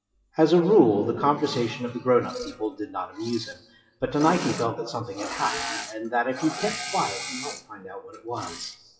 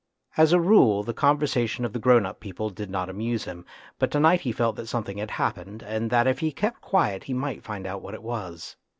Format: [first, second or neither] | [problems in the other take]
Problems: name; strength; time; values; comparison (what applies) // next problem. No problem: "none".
second | noise reduction (classical method WPE with log-MMSE)